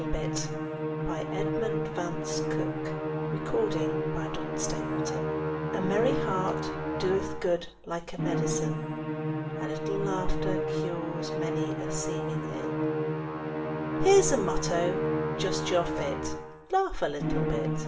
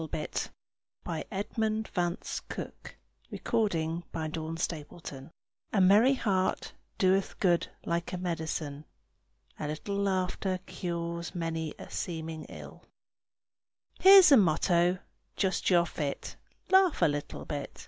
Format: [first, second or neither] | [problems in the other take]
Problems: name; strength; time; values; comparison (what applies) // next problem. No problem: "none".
second | background sound (Musical instrument); 1 dB above the speech // room echo; dies away in 0.4 s